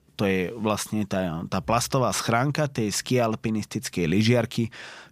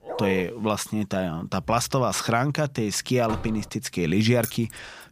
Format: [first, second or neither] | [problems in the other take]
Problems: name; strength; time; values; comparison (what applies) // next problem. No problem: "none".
first | dog barking; noticeable; at the start; peak 7 dB below the speech // door banging; faint; at 3.5 s; peak 10 dB below the speech // jangling keys; noticeable; at 4.5 s; peak 9 dB below the speech